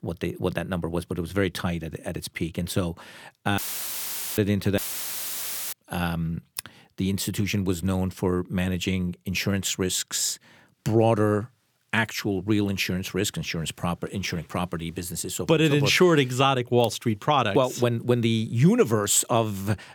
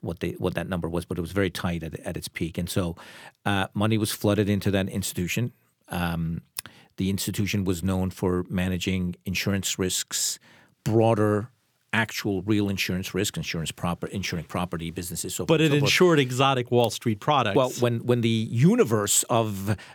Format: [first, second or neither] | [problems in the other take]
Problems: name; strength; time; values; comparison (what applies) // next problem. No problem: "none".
second | audio cutting out; filled with static; at 3.5 s for 1 s and at 5 s for 1 s